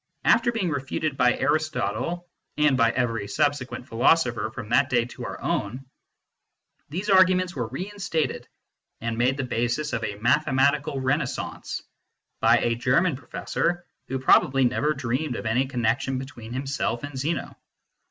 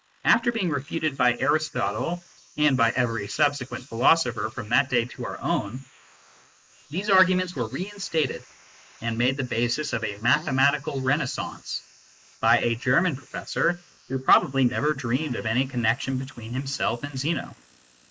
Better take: first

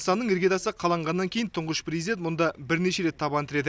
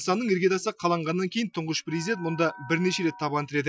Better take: first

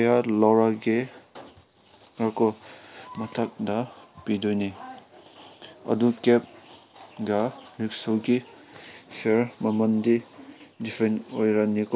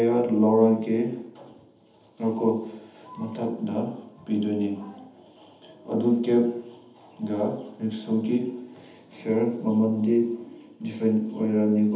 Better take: first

